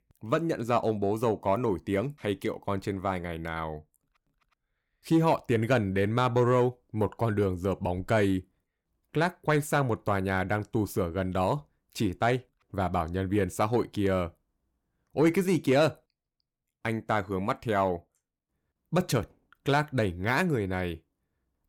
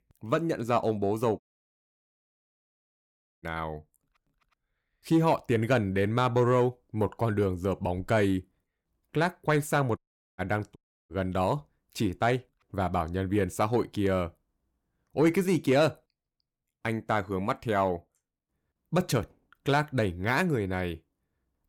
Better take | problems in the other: first | audio cutting out; at 1.5 s for 2 s, at 10 s and at 11 s

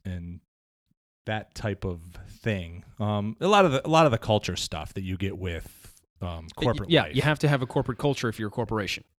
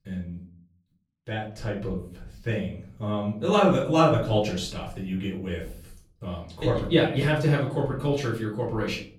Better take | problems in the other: first | off-mic speech; far // room echo; slight; dies away in 0.5 s

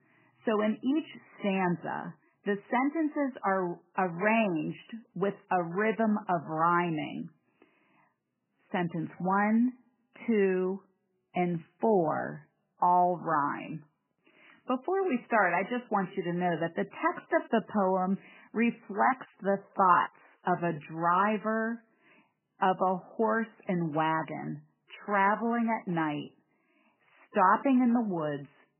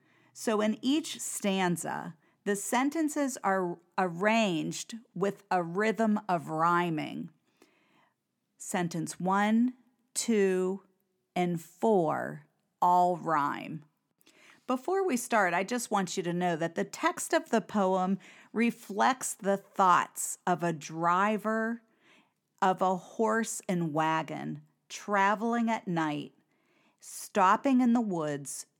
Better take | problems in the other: second | garbled, watery; badly; nothing above 3 kHz

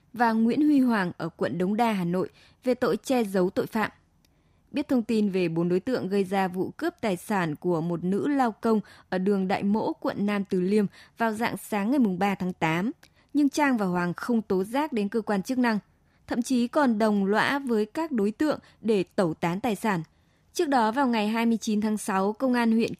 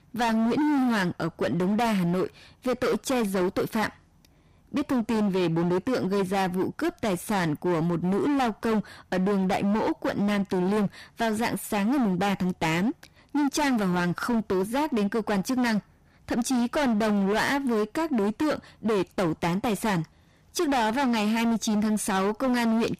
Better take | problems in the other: first | distortion; heavy; 28% of the sound clipped

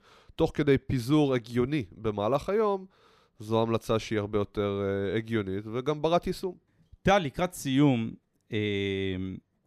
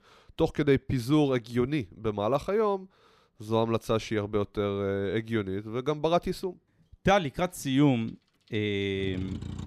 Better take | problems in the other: first | traffic noise; noticeable; from 7 s on; 10 dB below the speech

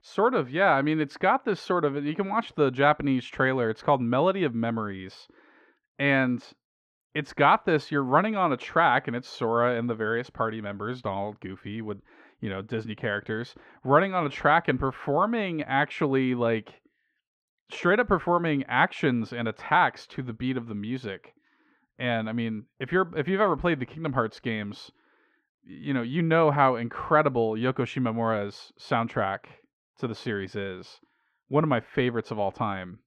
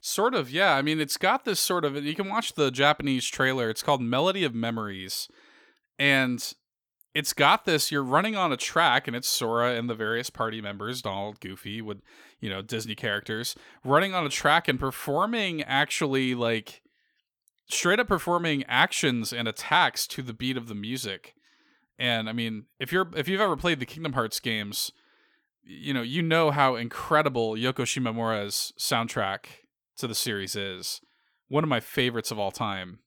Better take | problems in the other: second | muffled; very; fading above 1.5 kHz

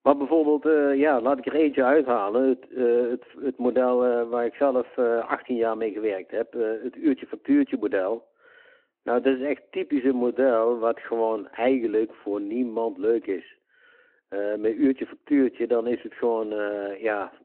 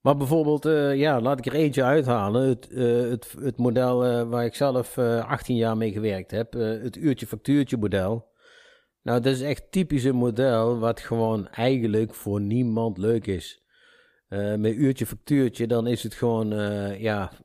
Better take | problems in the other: second | phone-call audio

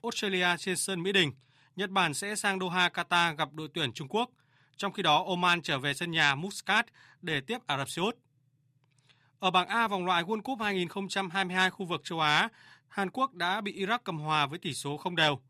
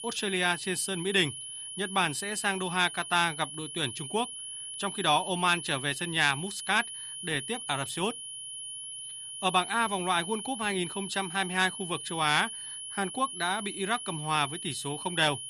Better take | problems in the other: first | high-pitched whine; loud; throughout; 3 kHz, 8 dB below the speech

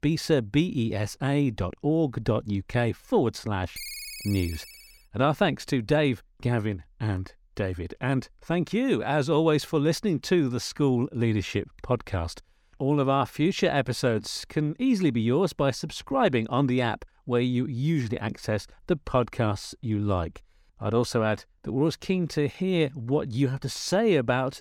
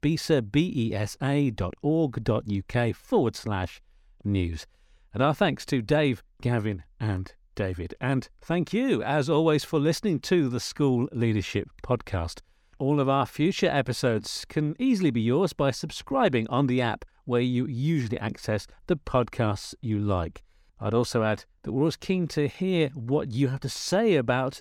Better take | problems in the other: second | phone ringing; noticeable; from 4 to 5 s; peak 8 dB below the speech

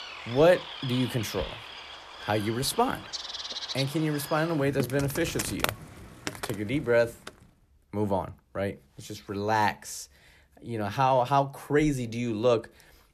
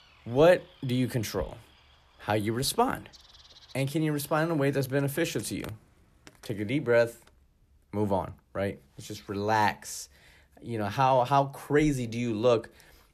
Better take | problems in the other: second | animal sounds; loud; until 7 s; 9 dB below the speech; faint in the second

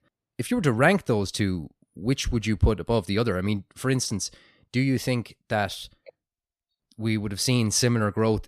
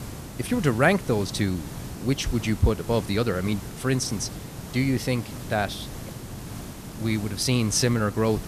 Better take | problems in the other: first | hiss; noticeable; throughout; 10 dB below the speech

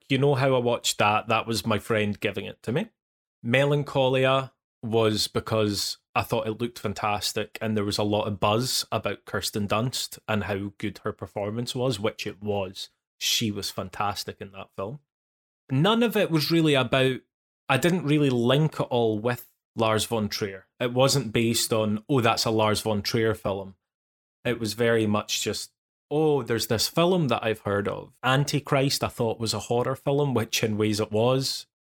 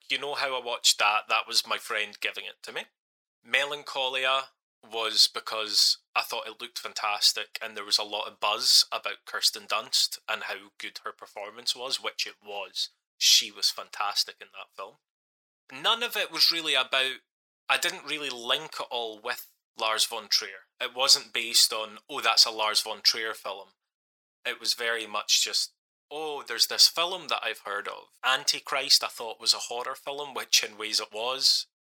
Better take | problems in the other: first | thin; very; fading below 950 Hz

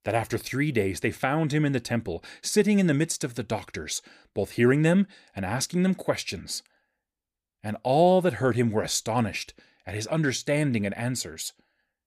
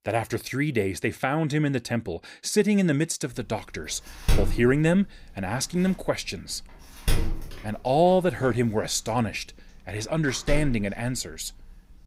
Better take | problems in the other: first | door banging; noticeable; from 4.5 to 11 s; peak 1 dB below the speech

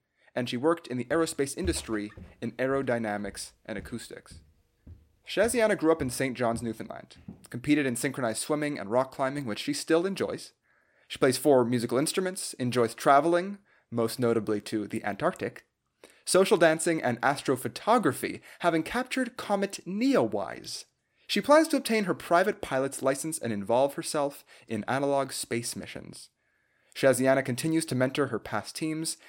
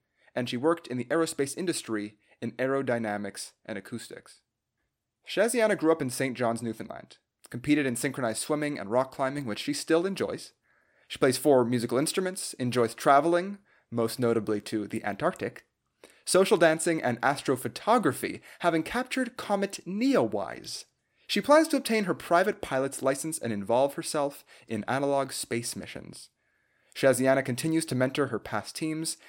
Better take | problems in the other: second | footsteps; faint; from 1 to 7.5 s; peak 10 dB below the speech

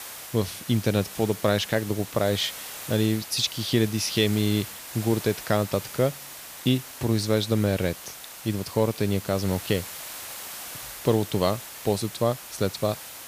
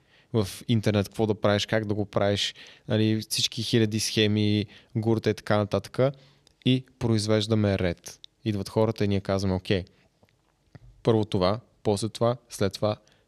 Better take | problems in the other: second | hiss; noticeable; throughout; 10 dB below the speech

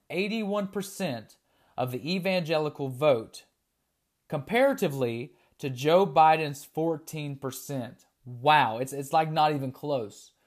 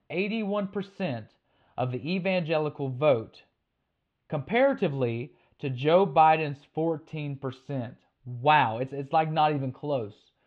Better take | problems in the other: first | muffled; slightly; fading above 3 kHz

